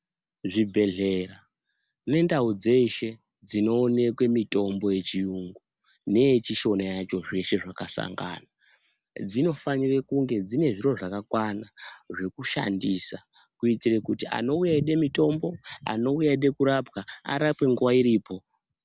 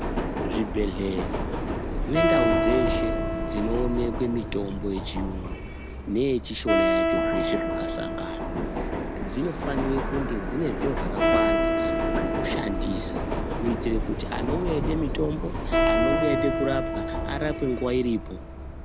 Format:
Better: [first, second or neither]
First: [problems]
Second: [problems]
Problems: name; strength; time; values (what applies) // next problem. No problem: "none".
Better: first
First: none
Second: background sound (Acoustic guitar + Subway, metro, underground); 3 dB above the speech